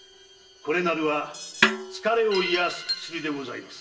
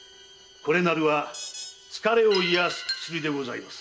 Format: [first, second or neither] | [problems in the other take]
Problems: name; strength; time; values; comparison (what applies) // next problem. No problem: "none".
second | background sound (Snare drum); 2 dB below the speech // room echo; dies away in 0.7 s